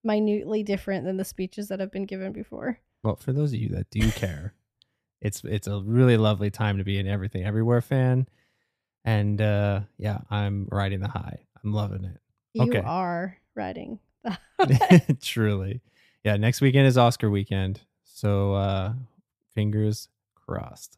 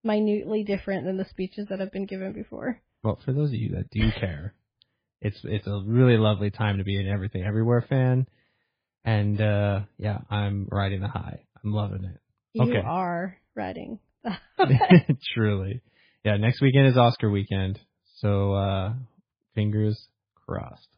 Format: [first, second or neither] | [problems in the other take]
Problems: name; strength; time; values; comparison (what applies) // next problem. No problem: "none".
first | garbled, watery; badly; nothing above 5 kHz